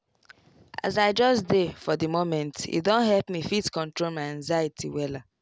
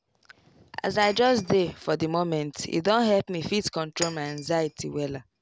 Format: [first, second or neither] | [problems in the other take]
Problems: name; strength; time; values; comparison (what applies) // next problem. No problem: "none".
first | background sound (Shatter); 18 dB below the speech